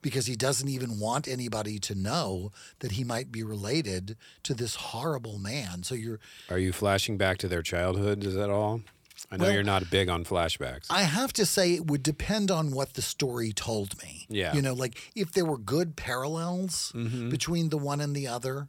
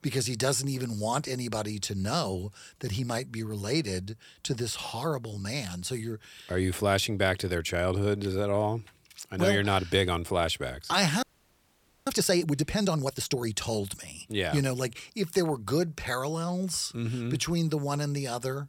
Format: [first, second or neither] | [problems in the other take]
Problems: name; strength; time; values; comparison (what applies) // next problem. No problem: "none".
first | audio freezing; at 11 s for 1 s